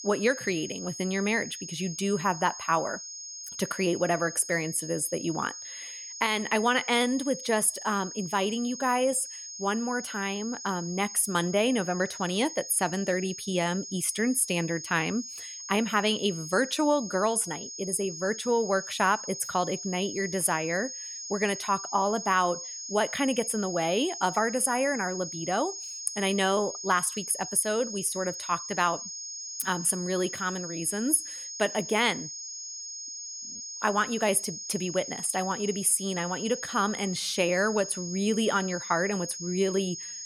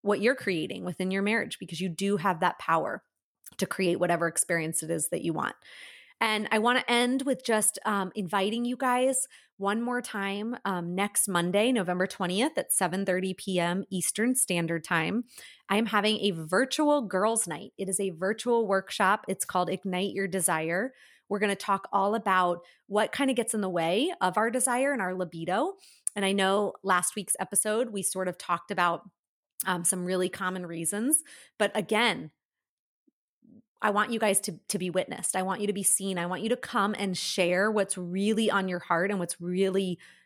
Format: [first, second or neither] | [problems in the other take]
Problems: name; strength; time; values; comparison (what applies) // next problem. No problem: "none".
second | high-pitched whine; loud; throughout; 6.5 kHz, 9 dB below the speech